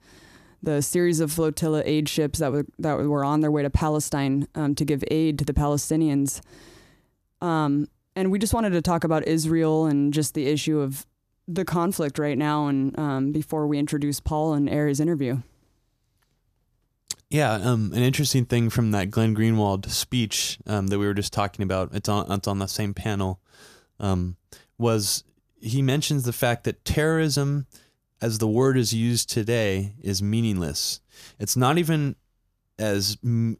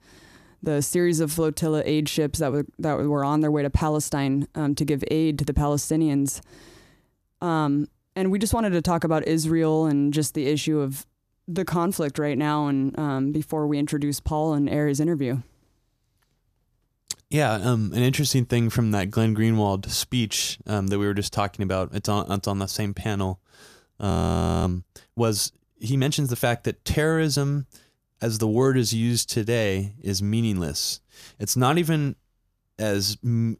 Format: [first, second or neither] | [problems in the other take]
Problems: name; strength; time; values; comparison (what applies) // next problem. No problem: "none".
first | audio freezing; at 24 s for 0.5 s